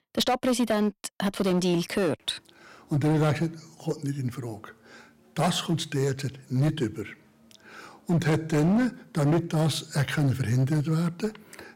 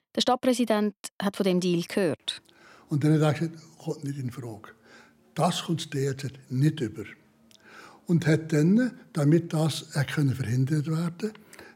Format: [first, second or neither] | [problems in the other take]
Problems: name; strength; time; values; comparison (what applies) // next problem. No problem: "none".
second | distortion; slight; 10% of the sound clipped